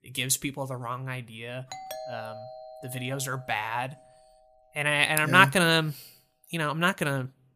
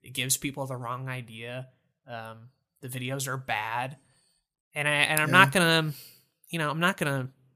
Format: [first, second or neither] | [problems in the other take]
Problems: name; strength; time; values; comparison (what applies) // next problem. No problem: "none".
second | doorbell; faint; from 1.5 to 4 s; peak 15 dB below the speech